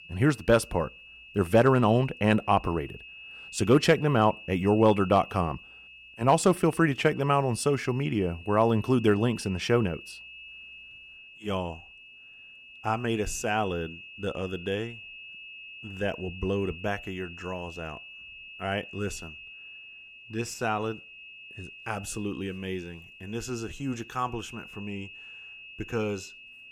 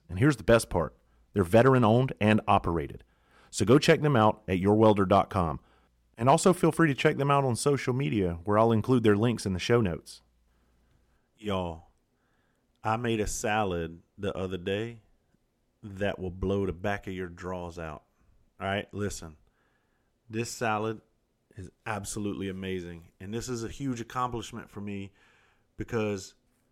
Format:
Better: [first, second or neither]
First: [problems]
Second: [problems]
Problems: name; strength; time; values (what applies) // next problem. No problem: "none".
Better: second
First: high-pitched whine; noticeable; throughout; 2.5 kHz, 15 dB below the speech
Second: none